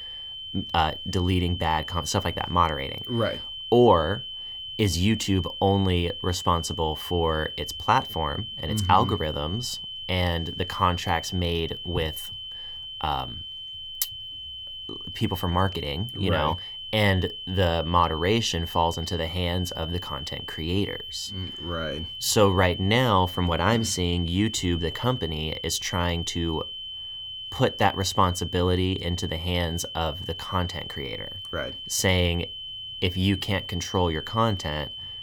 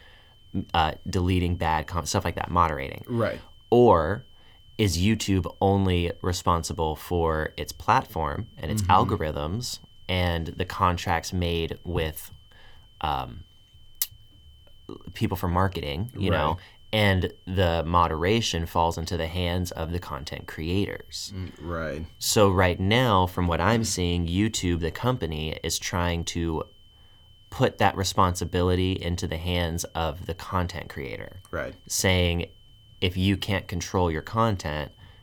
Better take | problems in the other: second | high-pitched whine; loud; throughout; 3 kHz, 8 dB below the speech; faint in the second

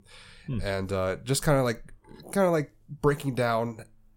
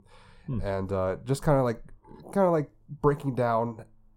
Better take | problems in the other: first | muffled; slightly; fading above 1.5 kHz

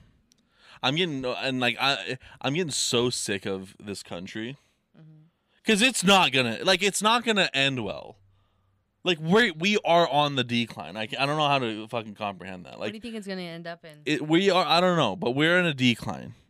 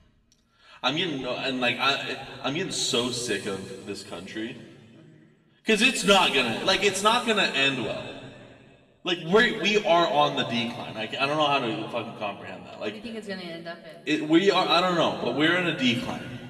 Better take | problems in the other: first | room echo; noticeable; dies away in 2 s // off-mic speech; far

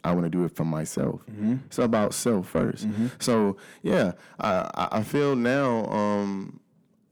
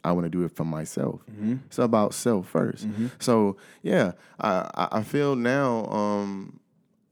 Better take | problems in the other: second | distortion; slight; 10 dB below the speech

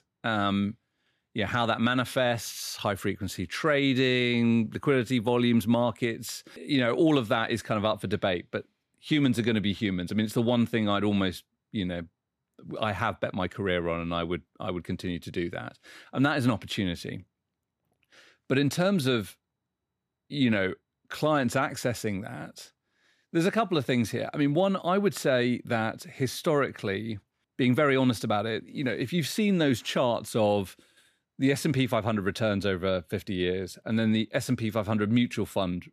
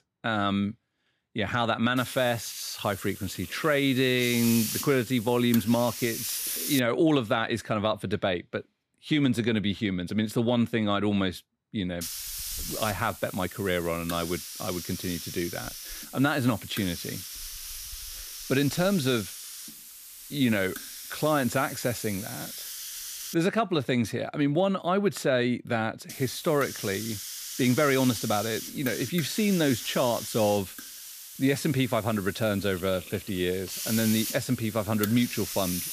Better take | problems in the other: first | hiss; loud; from 2 to 7 s, from 12 to 23 s and from 26 s on; 8 dB below the speech

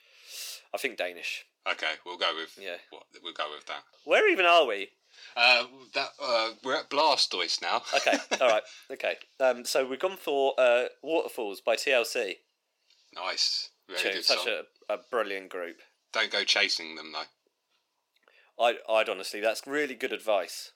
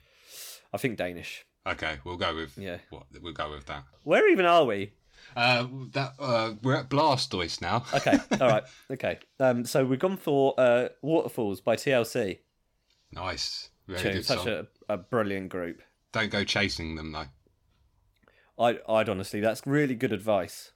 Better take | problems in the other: second | thin; somewhat; fading below 400 Hz

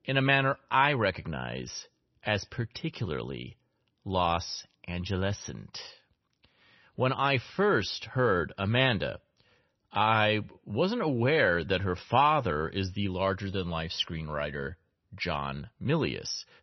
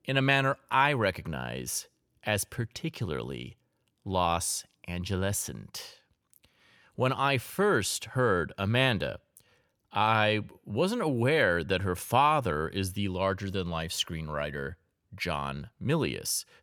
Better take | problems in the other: second | garbled, watery; slightly; nothing above 6 kHz

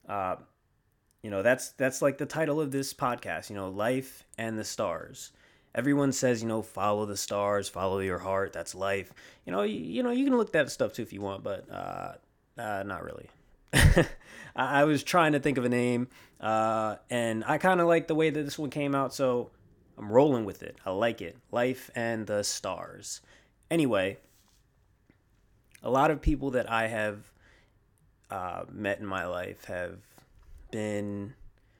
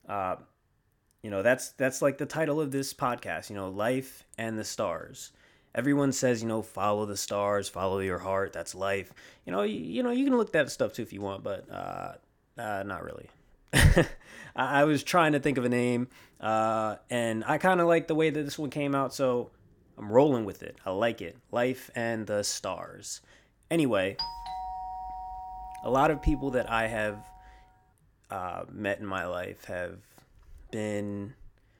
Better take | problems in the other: first | doorbell; noticeable; from 24 to 27 s; peak 6 dB below the speech

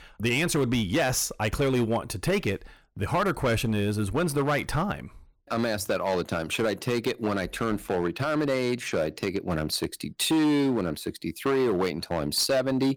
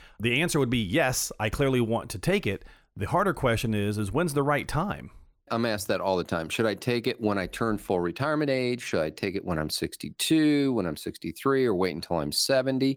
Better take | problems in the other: second | distortion; slight; 8% of the sound clipped

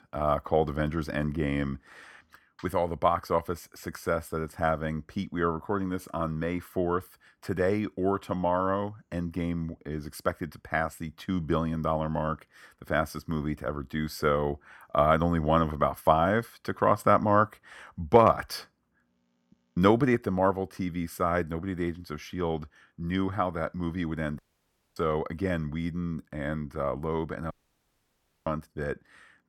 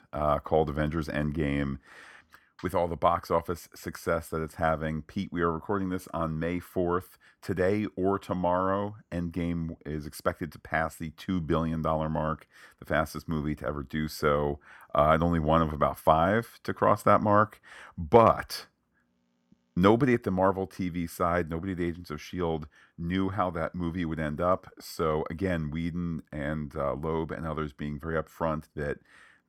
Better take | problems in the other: second | audio cutting out; at 24 s for 0.5 s and at 28 s for 1 s

